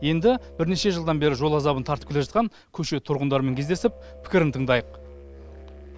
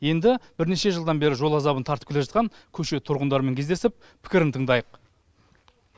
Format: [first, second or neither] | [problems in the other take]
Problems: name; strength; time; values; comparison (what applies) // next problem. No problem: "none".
second | background sound (Musical instrument); 19 dB below the speech